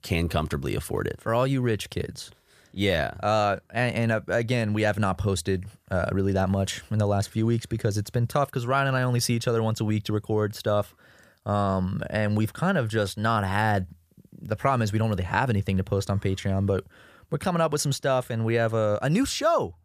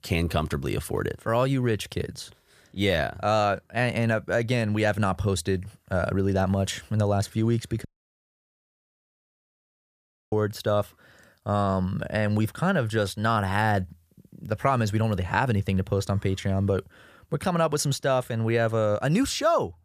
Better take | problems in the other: first | audio cutting out; at 8 s for 2.5 s

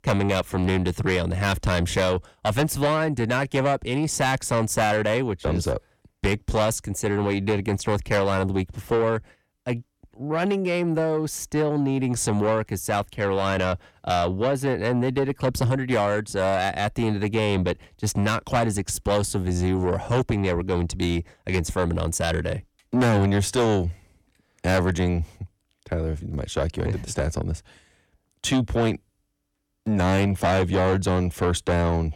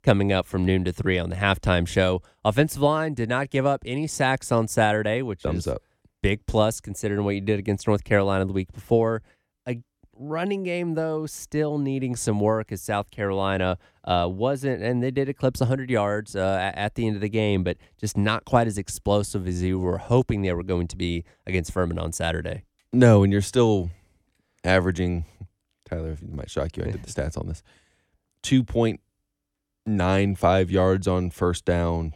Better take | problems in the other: second | distortion; heavy; 7 dB below the speech

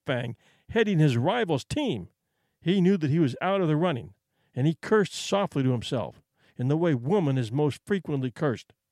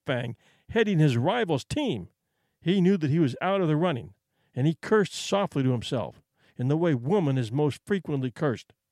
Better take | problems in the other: neither | none

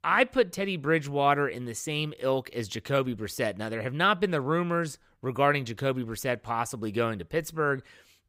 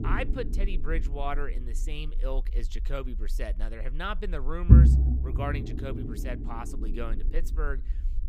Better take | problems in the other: first | low rumble; loud; throughout; 1 dB below the speech

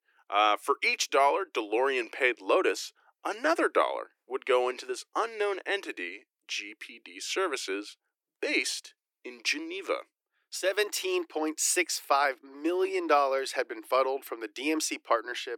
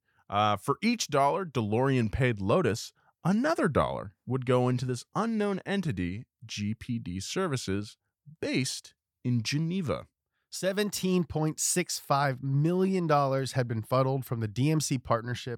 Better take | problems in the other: second | thin; very; fading below 300 Hz

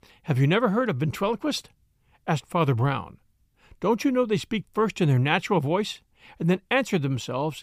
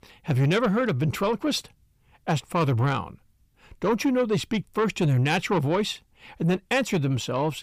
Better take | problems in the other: first | distortion; slight; 10 dB below the speech

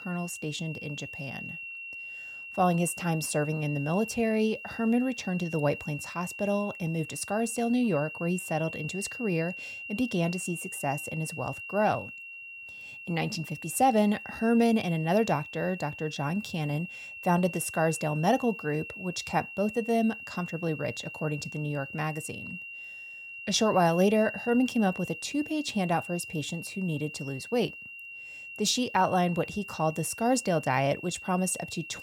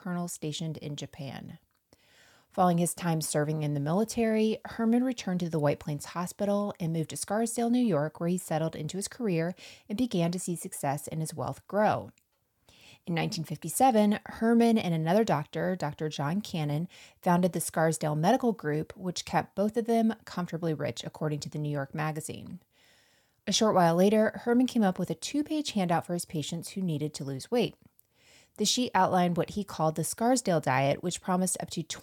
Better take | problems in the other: second | high-pitched whine; noticeable; throughout; 2.5 kHz, 10 dB below the speech

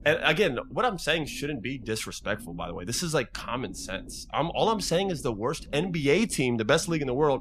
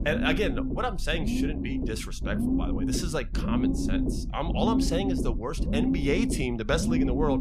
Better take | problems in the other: first | low rumble; loud; throughout; 3 dB below the speech; faint in the first

